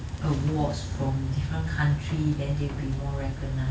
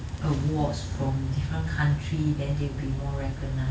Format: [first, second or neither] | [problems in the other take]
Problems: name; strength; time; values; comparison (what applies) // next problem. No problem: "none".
second | background sound (Slam); 18 dB below the speech